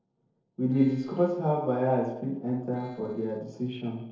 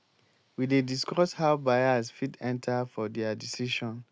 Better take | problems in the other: second | noise reduction (neural separator model SepFormer DNS4)

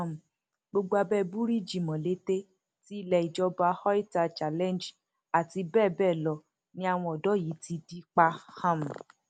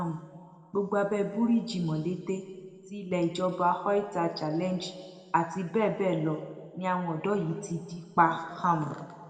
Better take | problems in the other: first | room echo; dies away in 1.6 s

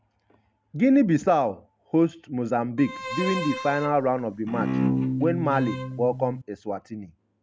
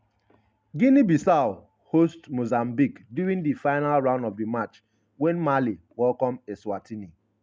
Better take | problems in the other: second | background sound (Bowed string instrument); 4 dB below the speech

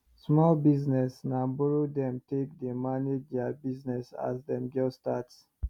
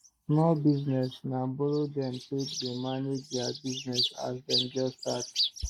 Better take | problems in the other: first | noise reduction (neural mask model Resemble Enhance denoiser)

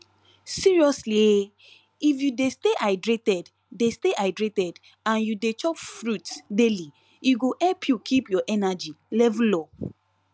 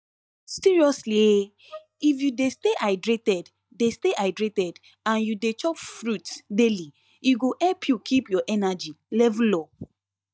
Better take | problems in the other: first | noise reduction (neural mask model DeepFilterNet 3)

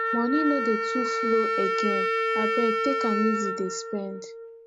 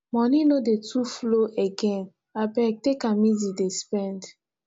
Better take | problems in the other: second | background sound (Wind instrument, woodwind instrument); 1 dB above the speech

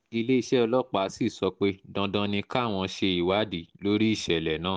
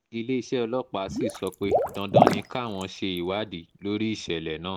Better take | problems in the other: first | background sound (Water / Liquid); 3 dB above the speech

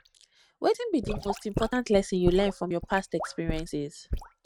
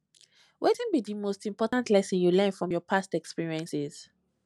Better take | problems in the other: second | noise reduction (neural mask model RNNoise)

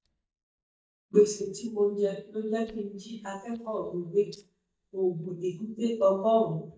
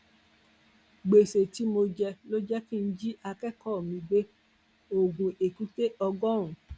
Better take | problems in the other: second | noise reduction (neural mask model DeepFilterNet 3)

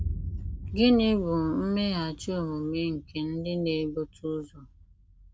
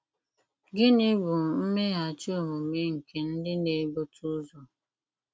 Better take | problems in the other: second | background sound (Boom); 10 dB below the speech

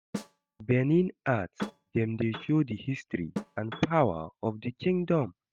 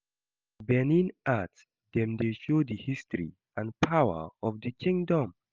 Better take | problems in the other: second | noise reduction (neural mask model RNNoise)

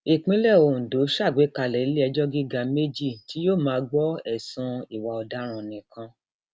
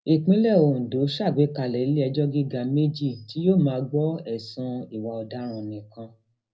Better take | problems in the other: first | room echo; dies away in 0.4 s

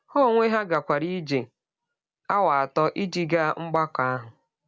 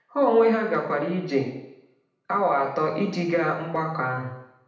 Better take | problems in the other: first | room echo; dies away in 0.8 s

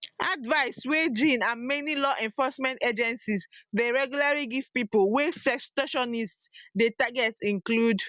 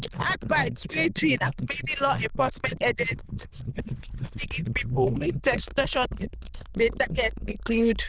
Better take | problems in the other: first | noise reduction (neural diffusion model UNIVERSE++)

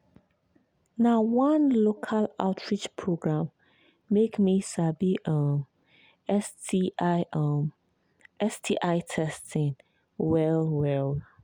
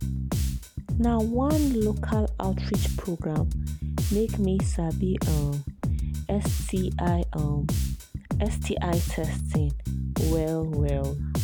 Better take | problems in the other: first | background sound (Bass guitar); 1 dB above the speech

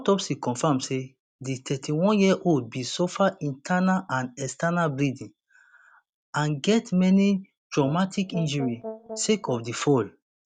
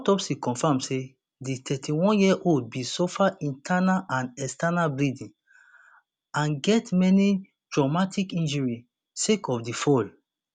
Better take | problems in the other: second | noise reduction (neural mask model DeepFilterNet 3)

